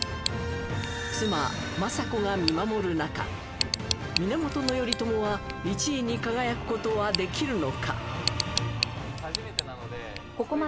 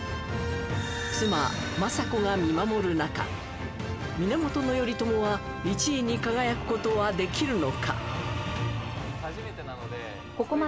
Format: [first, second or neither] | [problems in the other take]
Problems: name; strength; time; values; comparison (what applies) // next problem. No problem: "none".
second | background sound (Tick); 8 dB below the speech